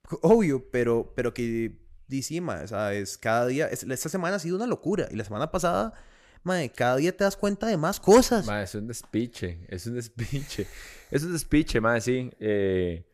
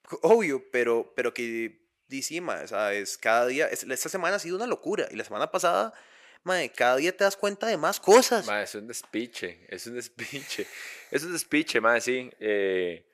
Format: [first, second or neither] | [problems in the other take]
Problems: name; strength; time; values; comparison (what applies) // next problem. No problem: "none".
first | thin; somewhat; fading below 400 Hz